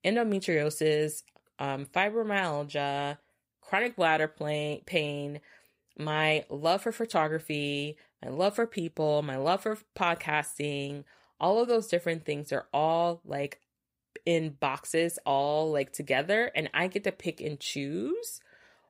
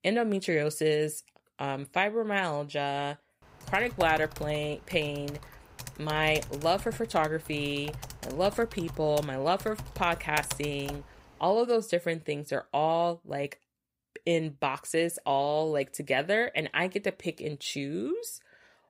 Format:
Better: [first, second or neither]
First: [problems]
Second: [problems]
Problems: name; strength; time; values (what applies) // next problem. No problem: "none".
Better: first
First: none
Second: keyboard typing; noticeable; from 3.5 to 11 s; peak 6 dB below the speech